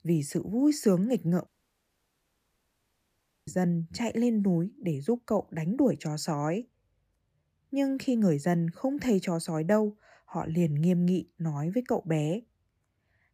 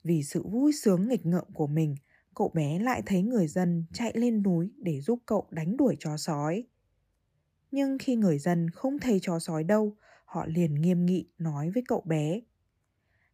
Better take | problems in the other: second | audio cutting out; at 1.5 s for 2 s

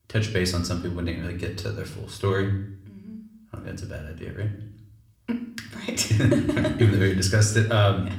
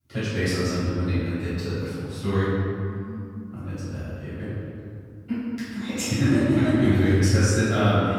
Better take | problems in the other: first | room echo; strong; dies away in 2.3 s; slight in the first // off-mic speech; far; somewhat distant in the first

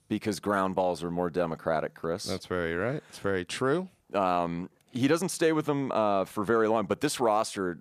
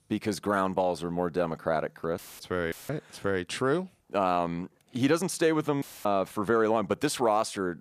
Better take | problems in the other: first | audio cutting out; filled with static; at 2 s, at 2.5 s and at 6 s

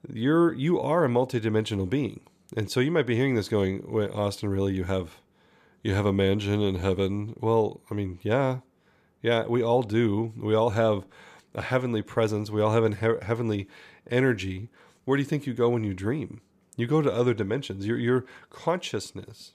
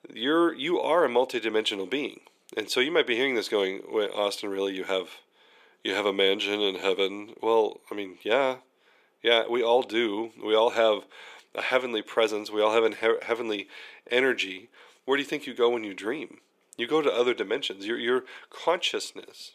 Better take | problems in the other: first | thin; somewhat; fading below 350 Hz

